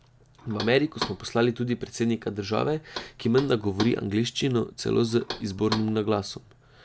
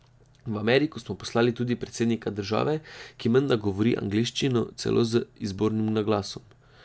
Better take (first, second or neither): second